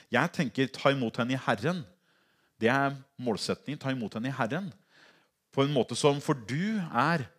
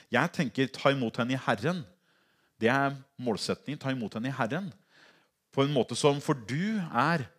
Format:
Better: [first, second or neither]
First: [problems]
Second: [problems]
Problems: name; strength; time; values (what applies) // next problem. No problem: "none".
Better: neither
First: none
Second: none